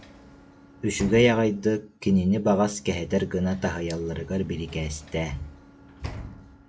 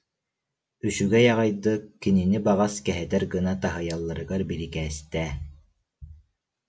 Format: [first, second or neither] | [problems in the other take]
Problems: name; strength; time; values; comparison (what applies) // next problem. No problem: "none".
second | background sound (Sliding door / Slam); 18 dB below the speech